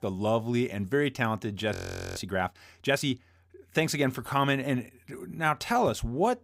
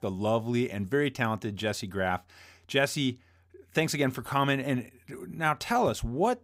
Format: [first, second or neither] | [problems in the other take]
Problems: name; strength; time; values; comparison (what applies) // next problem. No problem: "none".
second | audio freezing; at 1.5 s